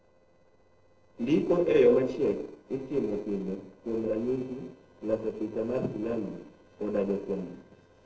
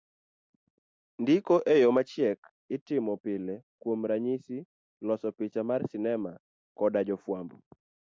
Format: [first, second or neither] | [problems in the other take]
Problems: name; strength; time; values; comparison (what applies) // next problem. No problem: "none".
second | noise reduction (neural separator model SepFormer DNS4)